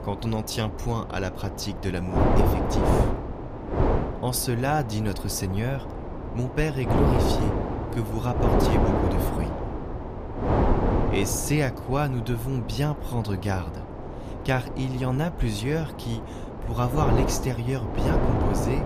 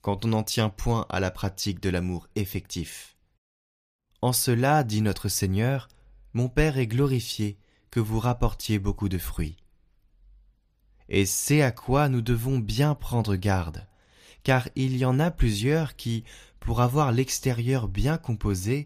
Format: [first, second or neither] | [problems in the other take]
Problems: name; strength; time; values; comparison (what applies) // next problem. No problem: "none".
second | wind noise on the microphone; heavy; as loud as the speech